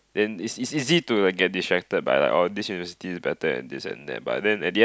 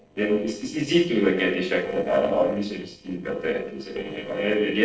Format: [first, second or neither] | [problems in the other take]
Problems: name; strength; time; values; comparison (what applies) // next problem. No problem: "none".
first | noise reduction (neural separator model SepFormer DNS4)